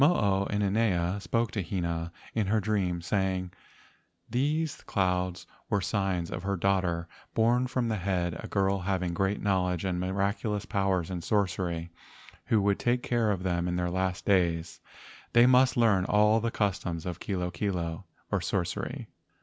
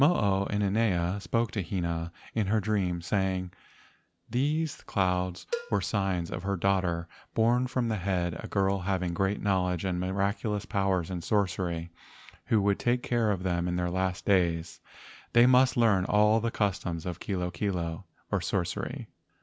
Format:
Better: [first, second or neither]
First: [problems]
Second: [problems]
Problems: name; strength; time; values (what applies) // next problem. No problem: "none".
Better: first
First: none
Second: background sound (Cowbell); 15 dB below the speech